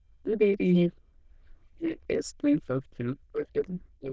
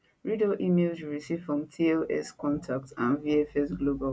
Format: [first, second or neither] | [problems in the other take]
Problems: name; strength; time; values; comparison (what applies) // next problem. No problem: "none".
second | noise reduction (neural diffusion model UNIVERSE++)